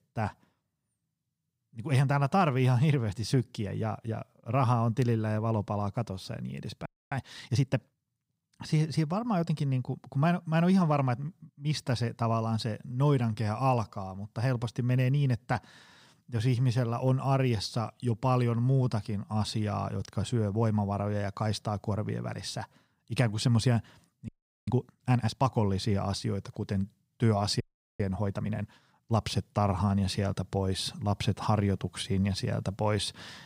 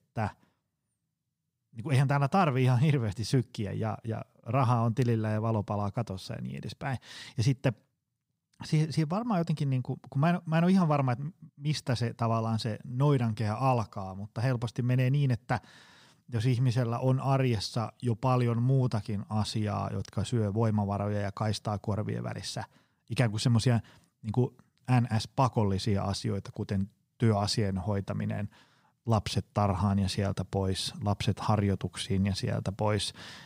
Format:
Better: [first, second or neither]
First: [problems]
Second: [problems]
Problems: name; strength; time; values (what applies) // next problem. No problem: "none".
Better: second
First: audio freezing; at 7 s, at 24 s and at 28 s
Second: none